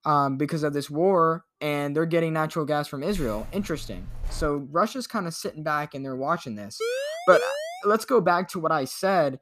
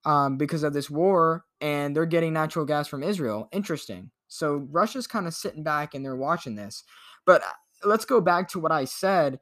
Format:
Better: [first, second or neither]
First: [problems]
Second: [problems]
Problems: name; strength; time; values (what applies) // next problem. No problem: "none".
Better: second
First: jangling keys; faint; from 3 to 4.5 s; peak 10 dB below the speech // siren; noticeable; from 7 to 8 s; peak 3 dB below the speech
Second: none